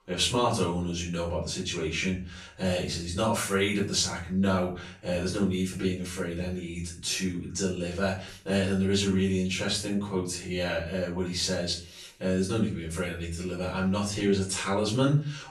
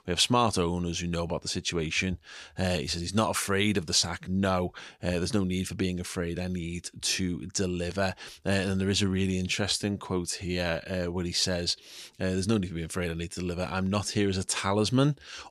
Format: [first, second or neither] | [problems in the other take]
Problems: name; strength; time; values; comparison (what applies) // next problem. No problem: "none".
second | off-mic speech; far // room echo; noticeable; dies away in 0.4 s